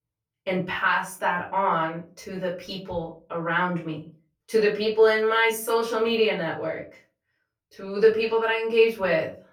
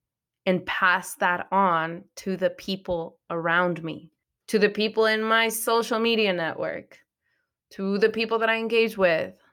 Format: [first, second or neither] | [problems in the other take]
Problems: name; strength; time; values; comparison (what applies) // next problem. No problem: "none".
second | off-mic speech; far // room echo; slight; dies away in 0.3 s